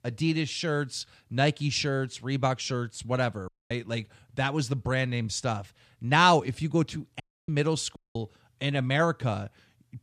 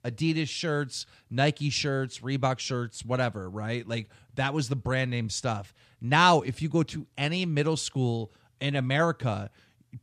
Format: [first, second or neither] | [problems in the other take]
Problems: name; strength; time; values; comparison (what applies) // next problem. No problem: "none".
second | audio cutting out; at 3.5 s, at 7 s and at 8 s